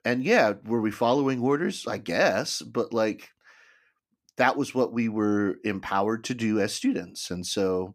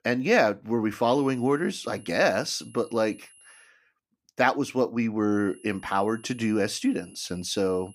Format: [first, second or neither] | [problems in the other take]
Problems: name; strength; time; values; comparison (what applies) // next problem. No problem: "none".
first | high-pitched whine; faint; from 1 to 3.5 s and from 5.5 s on; 10.5 kHz, 25 dB below the speech